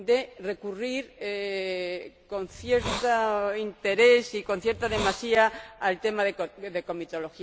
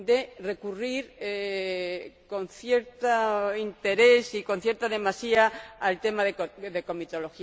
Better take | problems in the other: second | background sound (Hiss); 9 dB below the speech

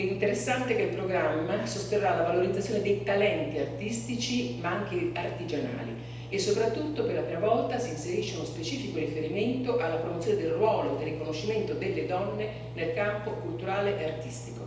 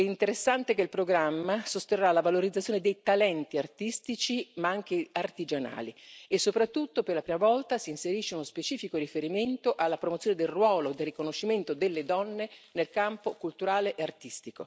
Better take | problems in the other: second | background sound (Engine); 10 dB below the speech // room echo; dies away in 0.9 s

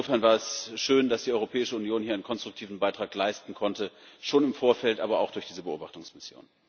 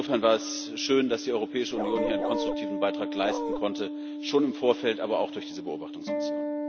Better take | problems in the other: first | background sound (Bark + Acoustic guitar); 4 dB below the speech

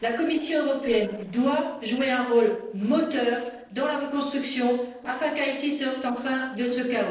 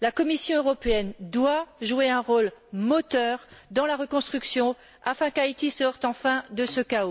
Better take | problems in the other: second | noise reduction (neural separator model SepFormer DNS4)

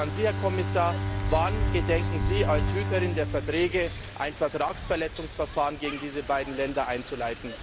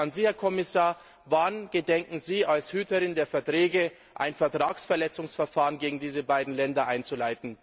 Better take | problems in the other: second | background sound (Wind + Bowed string instrument); 2 dB below the speech

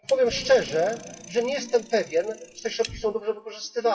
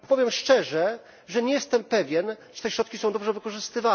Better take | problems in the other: second | noise reduction (classical method WPE with log-MMSE)

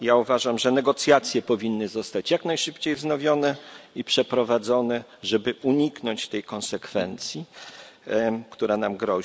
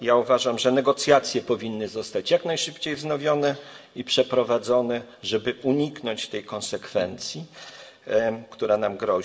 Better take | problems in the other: first | room echo; dies away in 0.6 s

